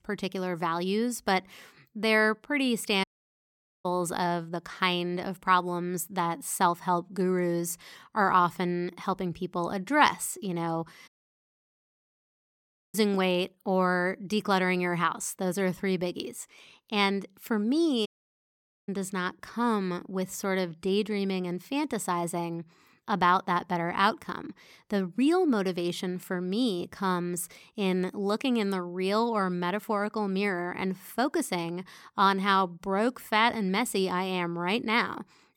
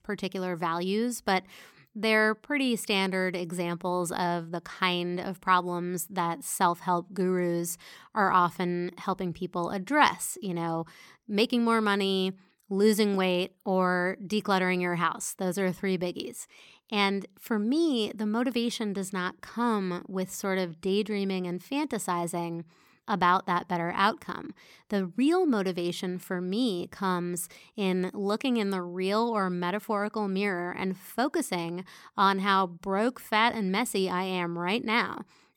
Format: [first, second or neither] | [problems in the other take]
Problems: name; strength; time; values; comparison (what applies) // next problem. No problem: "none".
second | audio cutting out; at 3 s for 1 s, at 11 s for 2 s and at 18 s for 1 s